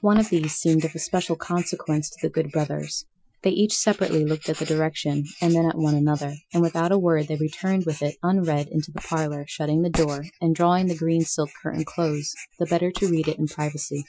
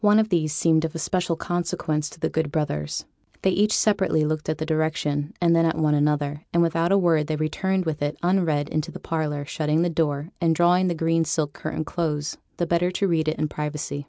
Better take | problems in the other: second | noise reduction (classical method Wiener filter)

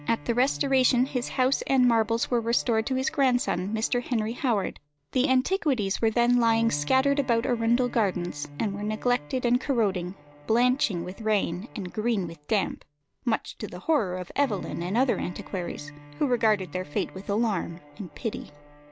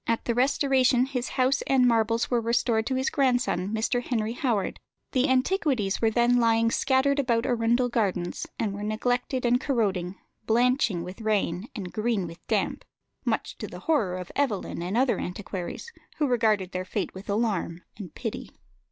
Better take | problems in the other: second | background sound (Bowed string instrument); 20 dB below the speech

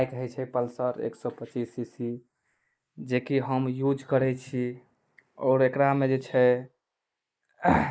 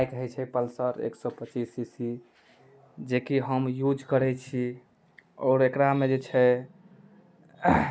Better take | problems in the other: second | noise reduction (neural mask model Resemble Enhance denoiser)

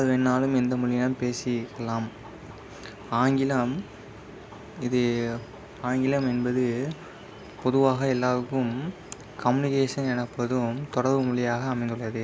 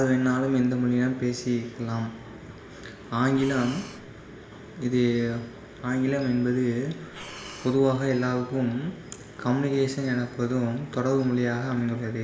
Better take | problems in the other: first | background sound (Breathing); 18 dB below the speech // room echo; dies away in 1 s

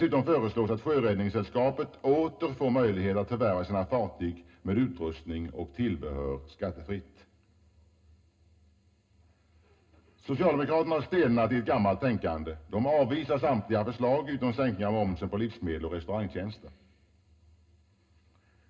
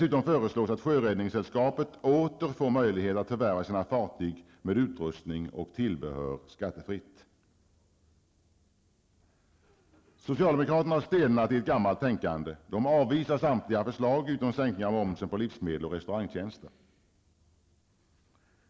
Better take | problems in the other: second | room echo; dies away in 0.2 s

